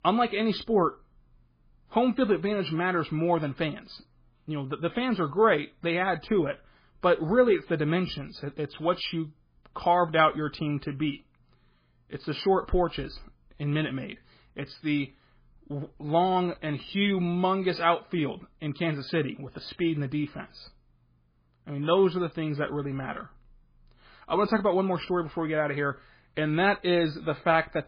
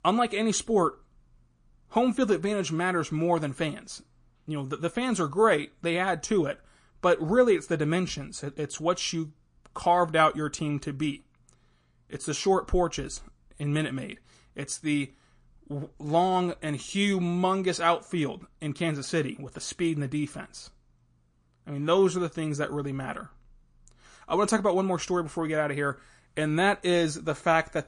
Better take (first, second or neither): second